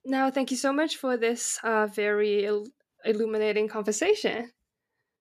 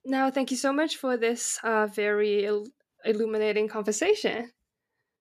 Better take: neither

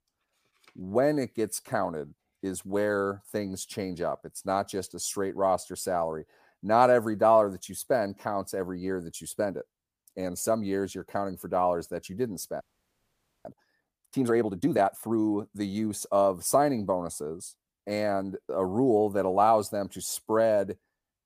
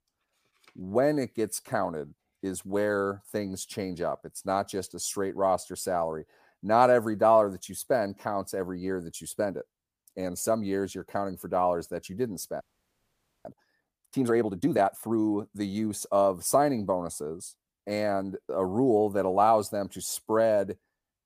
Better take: neither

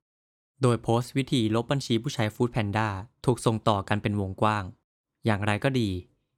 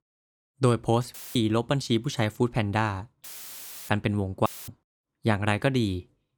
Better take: first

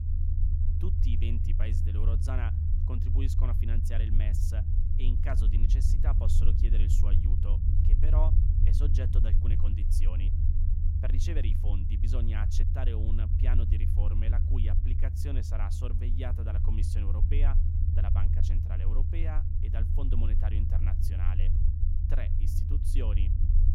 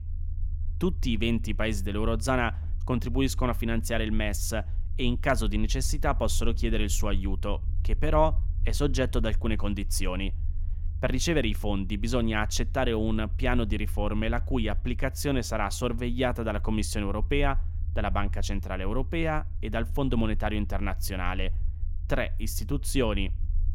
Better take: second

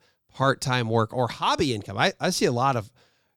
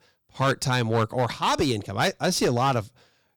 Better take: first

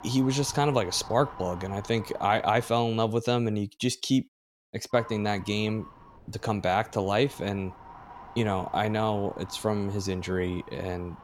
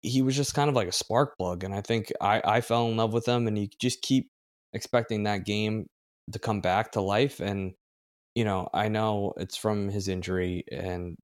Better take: second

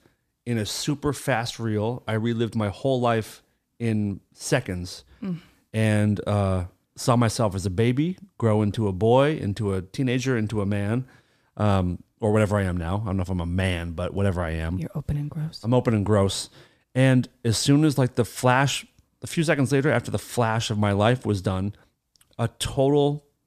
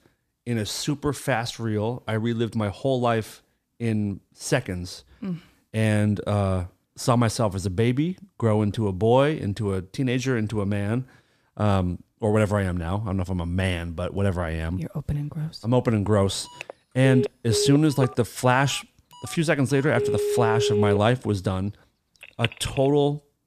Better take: first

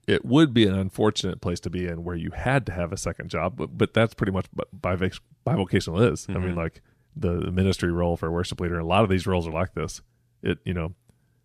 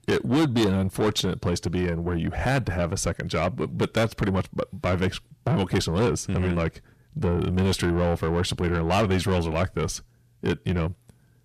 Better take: first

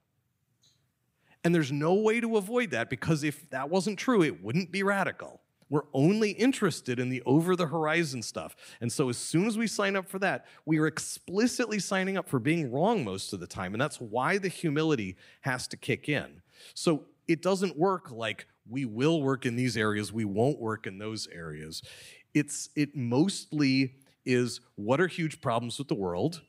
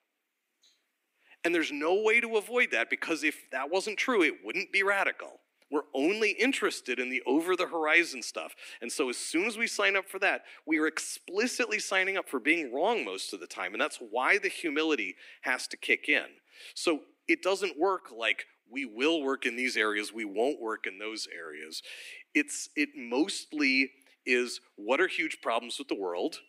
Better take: first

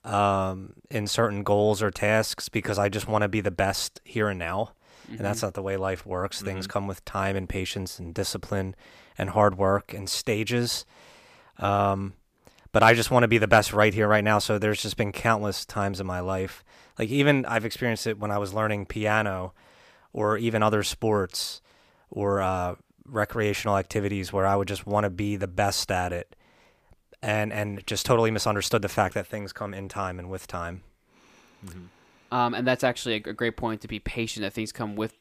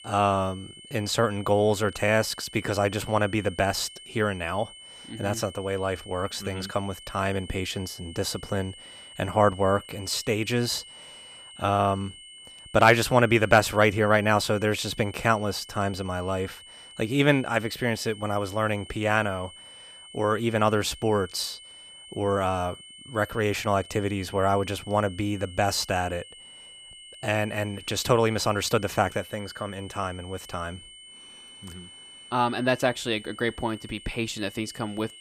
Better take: first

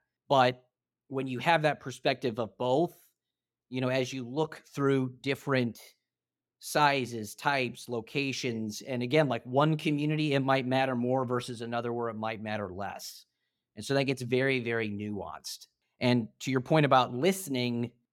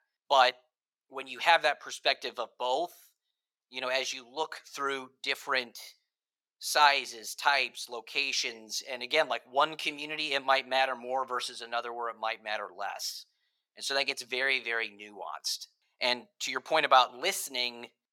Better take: first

